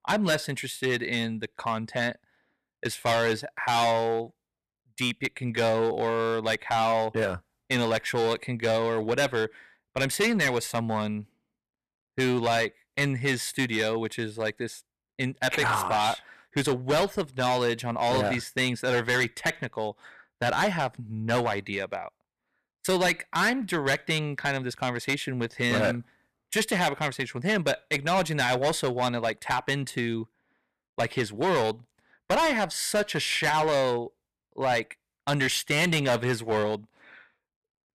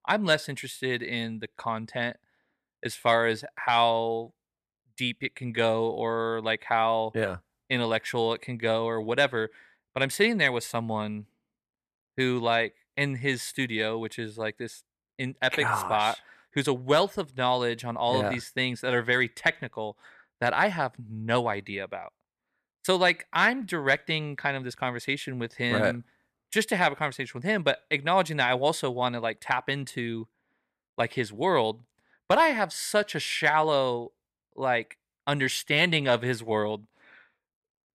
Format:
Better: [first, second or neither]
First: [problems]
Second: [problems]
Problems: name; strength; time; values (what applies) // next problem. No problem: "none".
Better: second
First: distortion; heavy; 8% of the sound clipped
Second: none